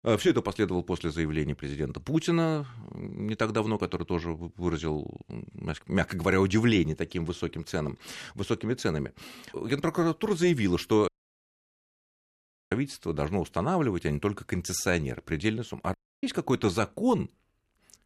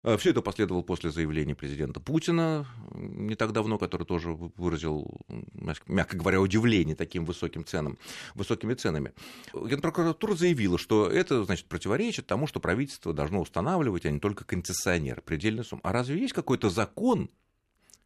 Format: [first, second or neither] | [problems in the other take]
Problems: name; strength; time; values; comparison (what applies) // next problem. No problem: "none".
second | audio cutting out; at 11 s for 1.5 s and at 16 s